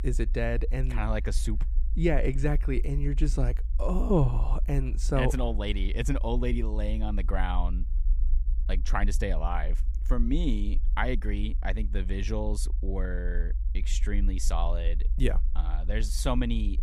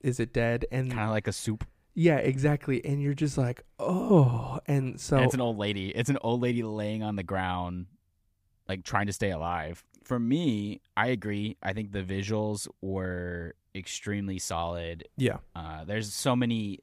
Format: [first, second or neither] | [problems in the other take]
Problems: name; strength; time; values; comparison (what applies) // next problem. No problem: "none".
second | low rumble; faint; throughout; 20 dB below the speech